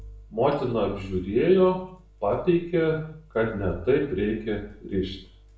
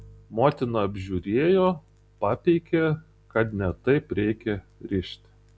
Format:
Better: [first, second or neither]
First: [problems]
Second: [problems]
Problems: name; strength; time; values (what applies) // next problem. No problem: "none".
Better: second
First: room echo; dies away in 0.5 s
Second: none